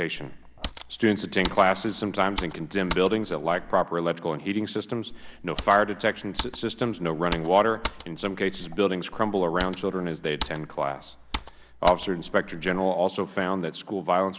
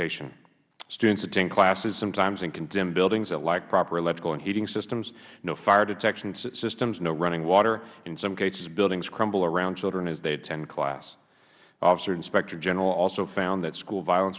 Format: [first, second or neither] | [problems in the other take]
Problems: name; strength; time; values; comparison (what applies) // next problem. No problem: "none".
second | background sound (Computer keyboard); 12 dB below the speech